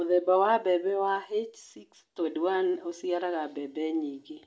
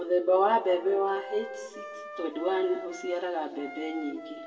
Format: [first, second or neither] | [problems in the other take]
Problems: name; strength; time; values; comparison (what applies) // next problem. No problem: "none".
first | background sound (Wind instrument, woodwind instrument); 14 dB below the speech // room echo; dies away in 1.2 s